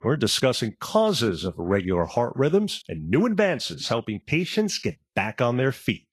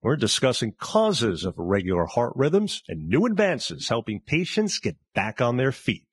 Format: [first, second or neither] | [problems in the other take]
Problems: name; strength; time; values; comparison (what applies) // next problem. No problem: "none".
first | garbled, watery; badly; nothing above 10.5 kHz; slightly in the first